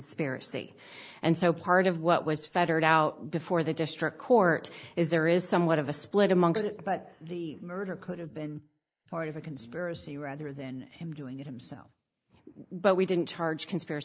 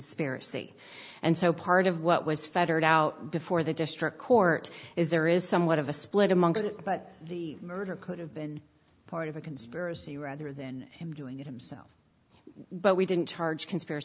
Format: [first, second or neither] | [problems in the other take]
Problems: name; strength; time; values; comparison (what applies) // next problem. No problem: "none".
second | noise reduction (neural mask model Resemble Enhance denoiser)